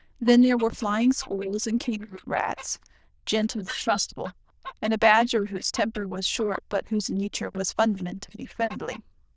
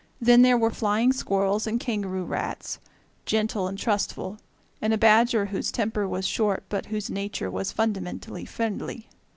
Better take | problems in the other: second | noise reduction (neural diffusion model UNIVERSE++)

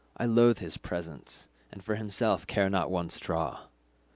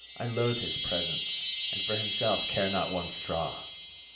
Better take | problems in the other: first | background sound (Chime); 1 dB below the speech // room echo; dies away in 0.6 s

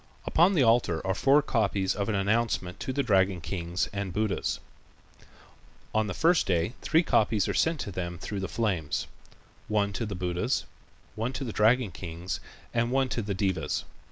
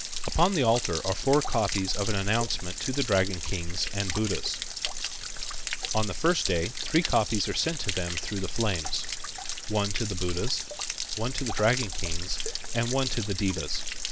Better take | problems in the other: first | background sound (Stream / Trickle, dribble / Splash, splatter); 2 dB below the speech

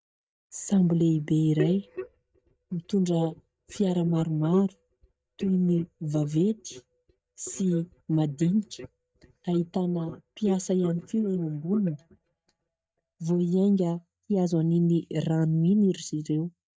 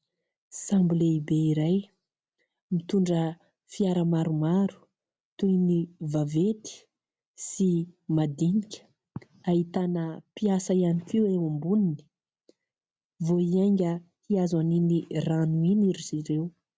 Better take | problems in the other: second | noise reduction (neural mask model DeepFilterNet 3)

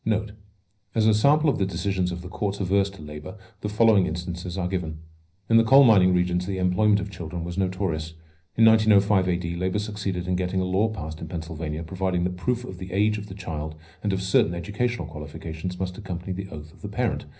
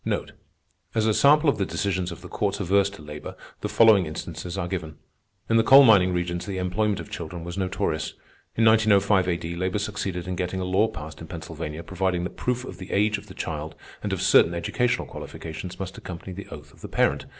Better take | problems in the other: second | room echo; dies away in 0.5 s

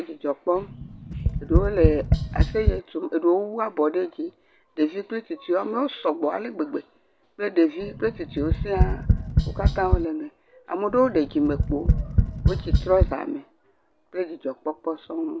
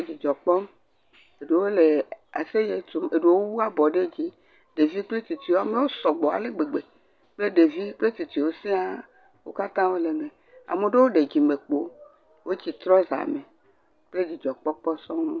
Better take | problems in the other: second | background sound (Tap); 3 dB above the speech

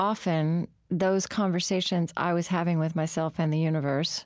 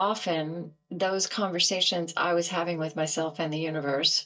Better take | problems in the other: first | noise reduction (neural mask model DeepFilterNet 3)

